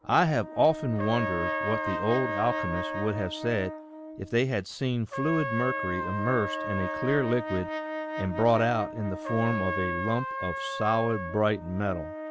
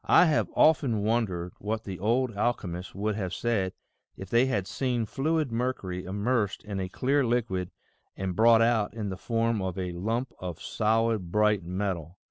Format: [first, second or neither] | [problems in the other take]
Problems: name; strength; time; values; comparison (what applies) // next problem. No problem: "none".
second | background sound (Brass instrument + Trumpet); 5 dB below the speech